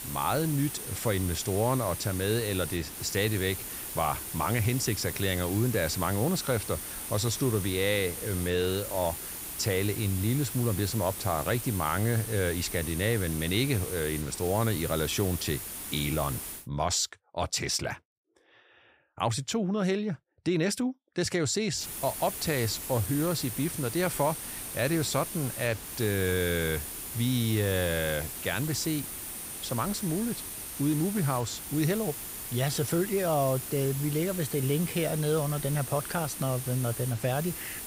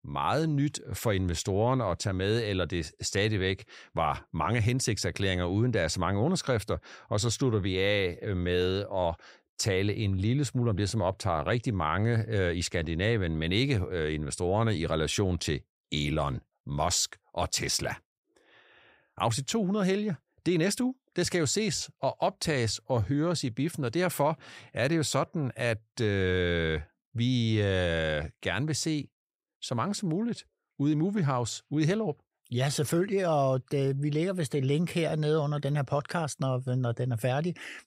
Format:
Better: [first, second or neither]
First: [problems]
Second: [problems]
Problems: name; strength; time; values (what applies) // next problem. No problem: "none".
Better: second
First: hiss; loud; until 17 s and from 22 s on; 6 dB below the speech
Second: none